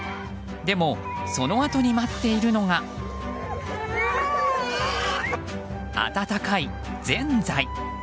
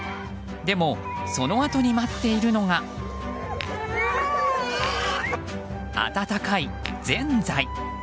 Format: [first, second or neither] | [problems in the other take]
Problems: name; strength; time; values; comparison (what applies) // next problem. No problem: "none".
first | background sound (Tap / Glass); 16 dB below the speech